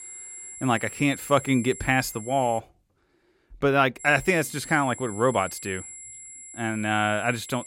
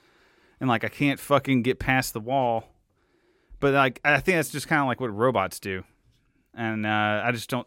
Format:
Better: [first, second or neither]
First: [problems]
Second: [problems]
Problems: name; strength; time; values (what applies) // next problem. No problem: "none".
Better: second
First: high-pitched whine; noticeable; until 2.5 s and from 4 s on; 7.5 kHz, 15 dB below the speech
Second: none